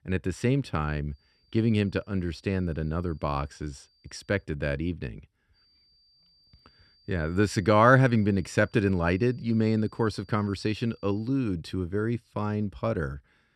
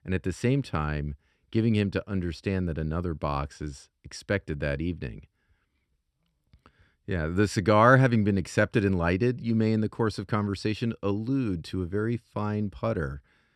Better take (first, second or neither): second